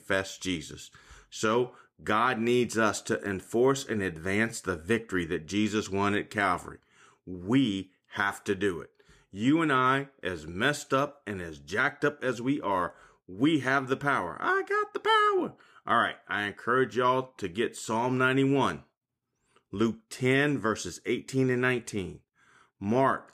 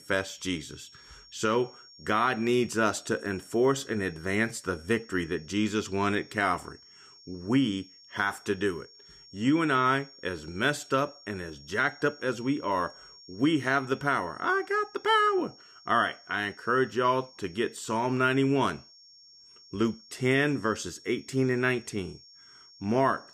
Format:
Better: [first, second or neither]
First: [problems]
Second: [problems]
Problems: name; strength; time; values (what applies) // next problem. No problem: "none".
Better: first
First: none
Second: high-pitched whine; faint; throughout; 5.5 kHz, 20 dB below the speech